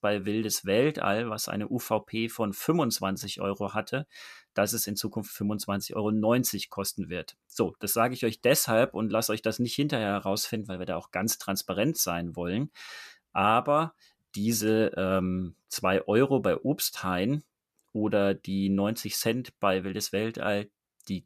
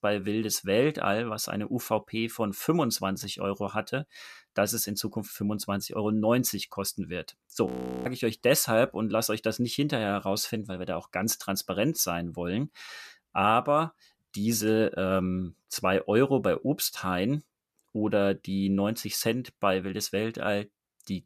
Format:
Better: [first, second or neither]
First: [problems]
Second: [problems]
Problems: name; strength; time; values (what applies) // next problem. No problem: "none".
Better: first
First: none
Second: audio freezing; at 7.5 s